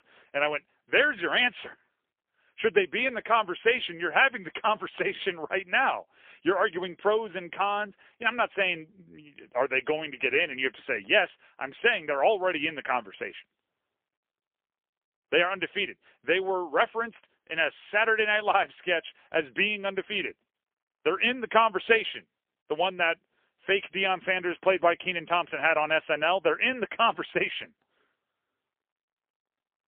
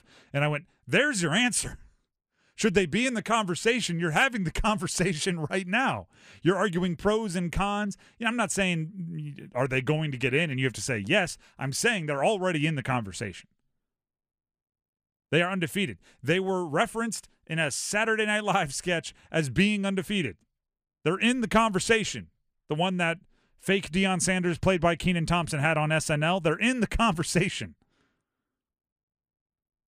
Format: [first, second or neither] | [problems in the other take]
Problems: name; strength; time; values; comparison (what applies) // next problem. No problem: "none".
second | phone-call audio; poor line; nothing above 3 kHz